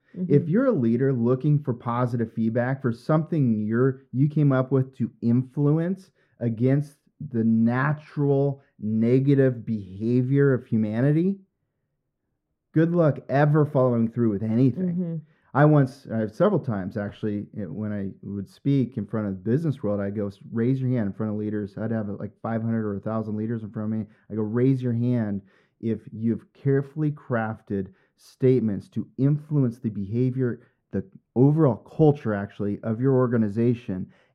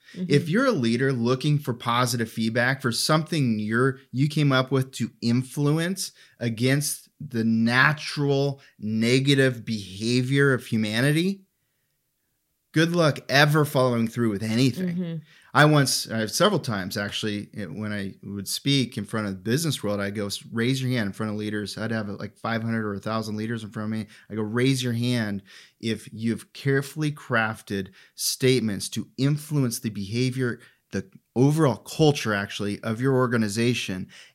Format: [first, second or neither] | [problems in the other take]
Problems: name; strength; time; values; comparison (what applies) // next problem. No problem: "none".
second | muffled; very; fading above 2 kHz